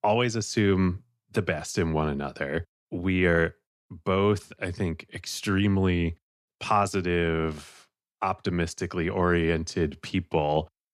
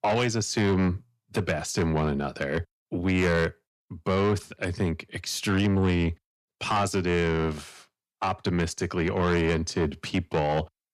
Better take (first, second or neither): first